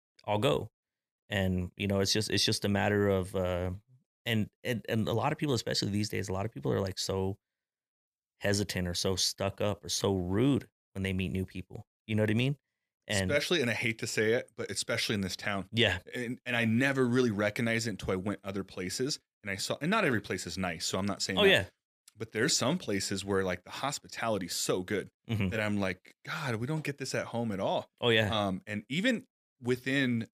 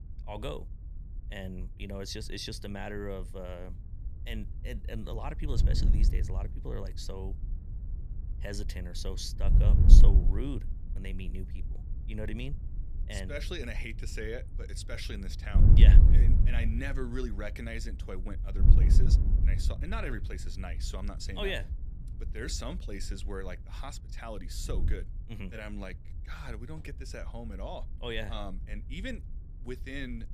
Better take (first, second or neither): first